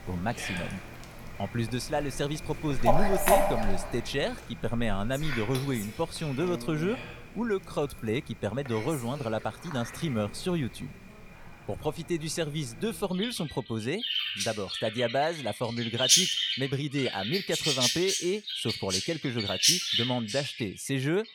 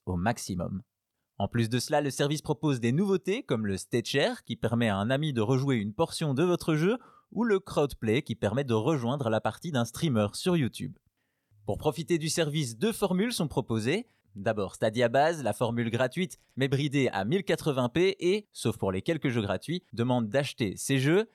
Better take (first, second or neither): second